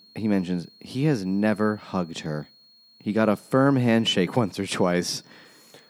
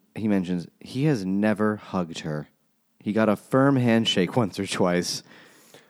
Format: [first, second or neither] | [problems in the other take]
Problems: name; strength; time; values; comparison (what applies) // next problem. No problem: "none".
second | high-pitched whine; faint; throughout; 4.5 kHz, 30 dB below the speech